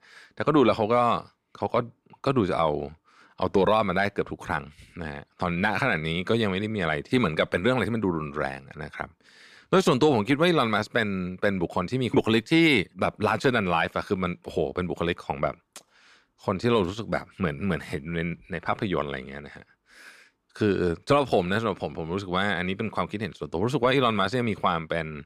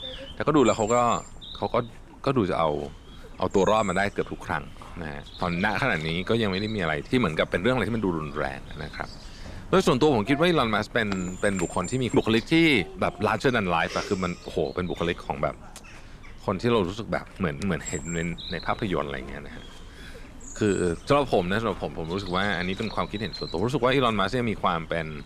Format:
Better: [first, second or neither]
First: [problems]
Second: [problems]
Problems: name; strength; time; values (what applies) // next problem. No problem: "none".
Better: first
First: none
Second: animal sounds; noticeable; throughout; 15 dB below the speech